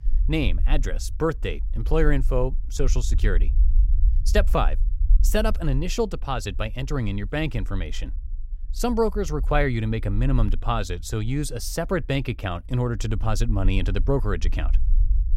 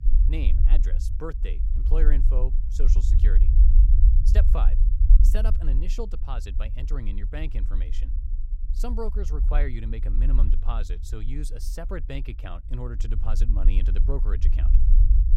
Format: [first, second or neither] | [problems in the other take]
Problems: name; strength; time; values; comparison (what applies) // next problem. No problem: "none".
first | low rumble; loud; throughout; 7 dB below the speech; faint in the first